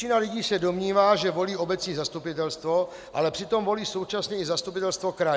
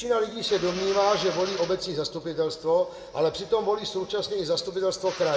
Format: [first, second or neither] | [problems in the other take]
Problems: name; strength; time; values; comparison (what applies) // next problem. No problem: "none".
first | background sound (Drill); 15 dB below the speech // room echo; dies away in 1 s